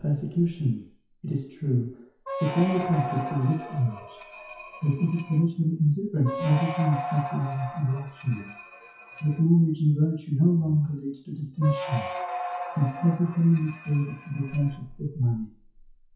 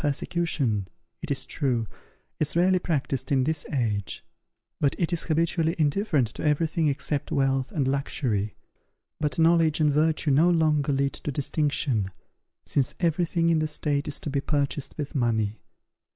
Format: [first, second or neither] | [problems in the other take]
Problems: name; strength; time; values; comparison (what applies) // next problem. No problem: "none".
second | noise reduction (classical method WPE with log-MMSE)